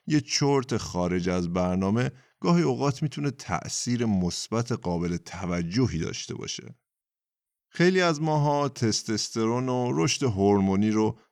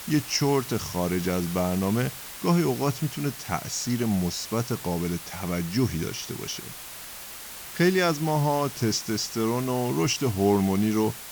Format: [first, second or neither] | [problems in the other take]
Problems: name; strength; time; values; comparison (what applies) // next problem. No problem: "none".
first | hiss; noticeable; throughout; 10 dB below the speech